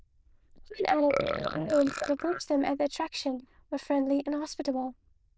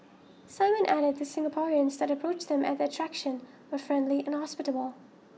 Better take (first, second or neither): second